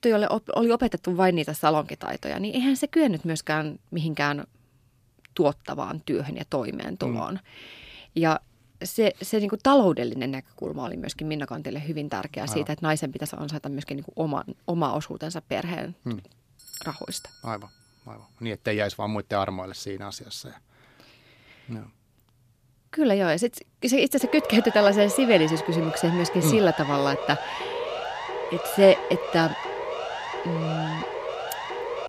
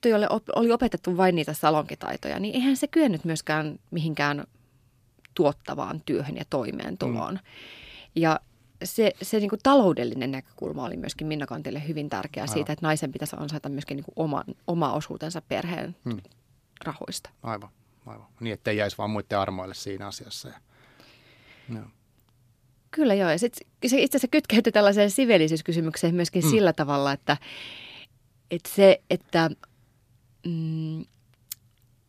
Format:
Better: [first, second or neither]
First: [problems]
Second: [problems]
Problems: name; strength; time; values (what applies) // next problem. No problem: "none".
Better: second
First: doorbell; faint; at 17 s; peak 15 dB below the speech // siren; noticeable; from 24 s on; peak 5 dB below the speech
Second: none